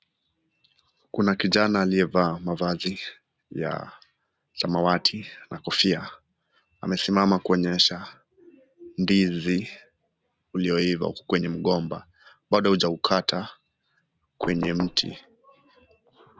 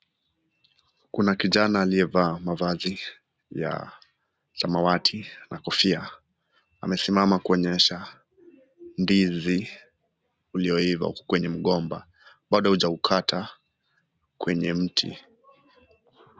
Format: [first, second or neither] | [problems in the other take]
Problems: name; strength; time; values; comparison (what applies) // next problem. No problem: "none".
second | background sound (Knock); 10 dB below the speech